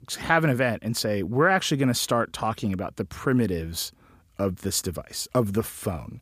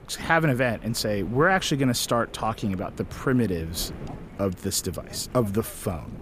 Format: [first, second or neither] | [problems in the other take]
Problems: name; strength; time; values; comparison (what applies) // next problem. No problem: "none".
first | wind noise on the microphone; occasional gusts; 20 dB below the speech